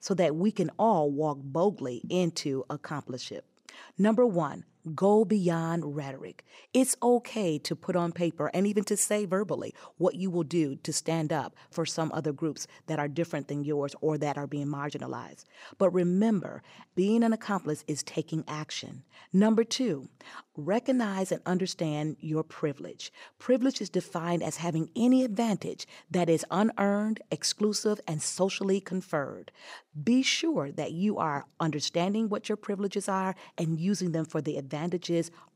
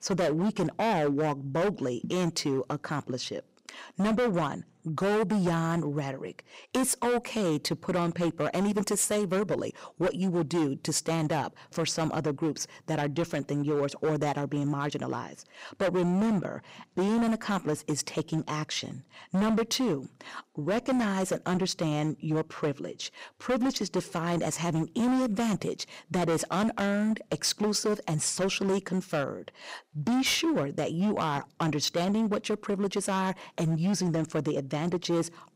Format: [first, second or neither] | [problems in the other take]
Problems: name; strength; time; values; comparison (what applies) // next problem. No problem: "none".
first | distortion; heavy; 15% of the sound clipped